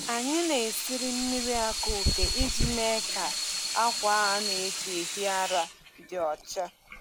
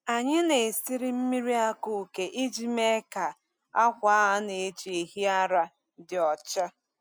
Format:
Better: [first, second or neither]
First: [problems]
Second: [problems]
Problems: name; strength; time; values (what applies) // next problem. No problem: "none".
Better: second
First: background sound (Sink (filling or washing) / Water tap, faucet + Dog); 1 dB below the speech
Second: none